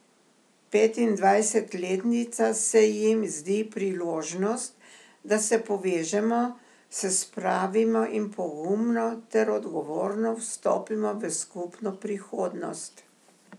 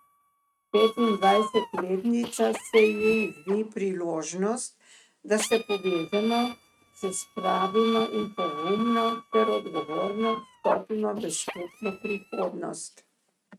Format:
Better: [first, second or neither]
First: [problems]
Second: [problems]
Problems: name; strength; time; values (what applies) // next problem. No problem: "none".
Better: first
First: none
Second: noise reduction (neural mask model RNNoise)